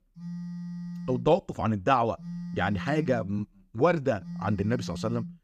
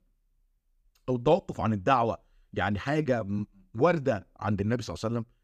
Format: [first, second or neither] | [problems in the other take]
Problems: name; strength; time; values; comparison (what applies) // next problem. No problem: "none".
second | phone ringing; noticeable; peak 9 dB below the speech